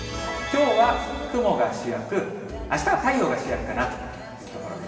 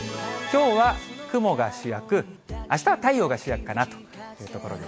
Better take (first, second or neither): second